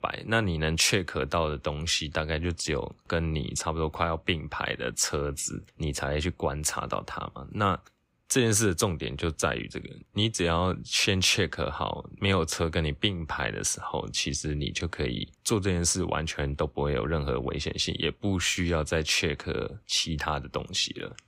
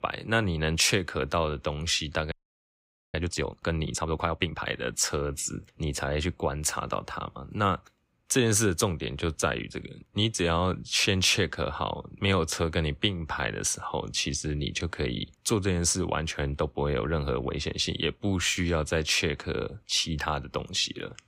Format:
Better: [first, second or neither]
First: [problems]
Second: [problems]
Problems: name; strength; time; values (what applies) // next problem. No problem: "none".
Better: first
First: none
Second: audio freezing; at 2.5 s for 1 s